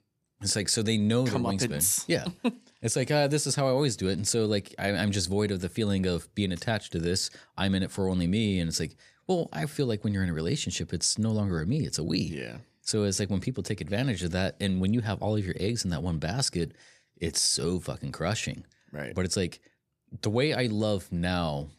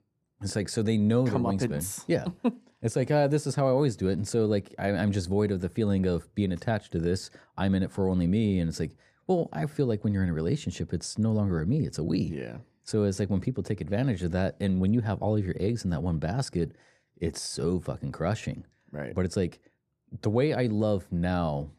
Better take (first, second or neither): first